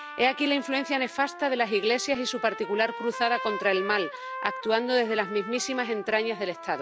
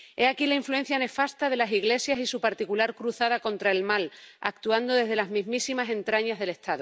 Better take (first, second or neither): second